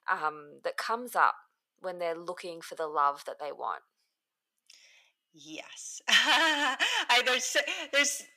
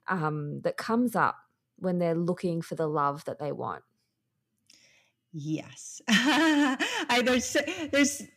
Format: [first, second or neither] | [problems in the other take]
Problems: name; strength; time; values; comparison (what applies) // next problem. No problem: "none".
second | thin; very; fading below 800 Hz